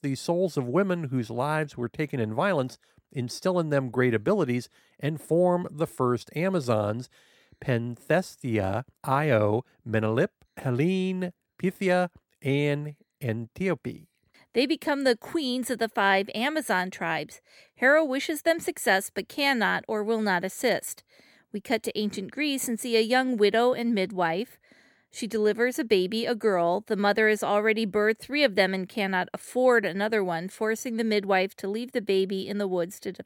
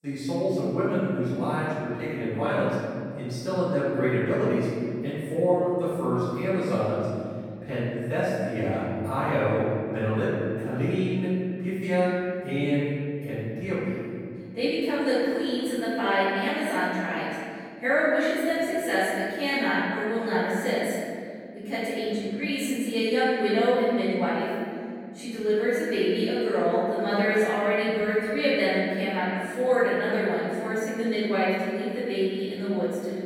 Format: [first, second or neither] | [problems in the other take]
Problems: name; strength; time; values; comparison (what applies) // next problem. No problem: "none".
first | off-mic speech; far // room echo; strong; dies away in 2.2 s